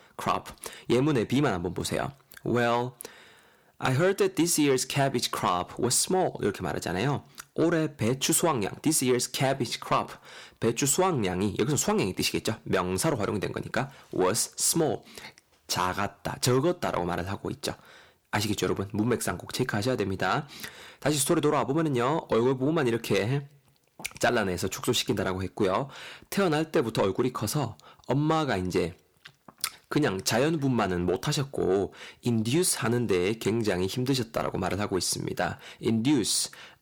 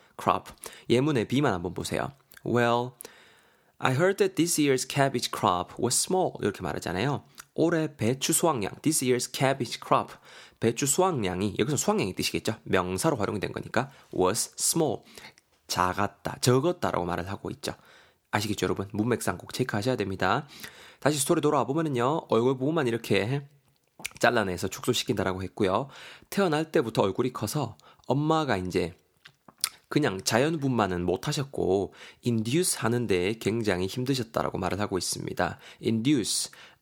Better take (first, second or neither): second